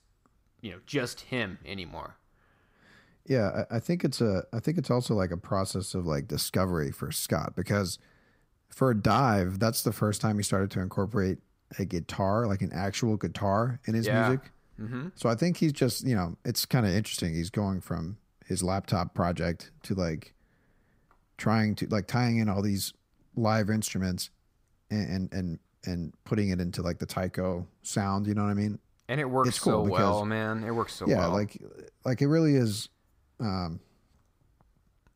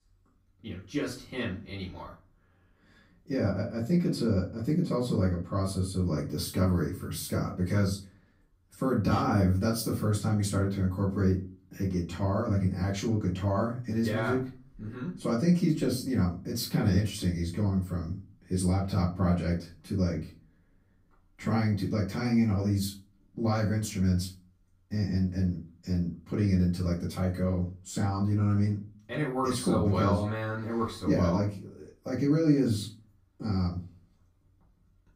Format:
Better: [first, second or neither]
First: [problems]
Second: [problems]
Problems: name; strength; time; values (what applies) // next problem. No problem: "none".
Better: first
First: none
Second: off-mic speech; far // room echo; slight; dies away in 0.3 s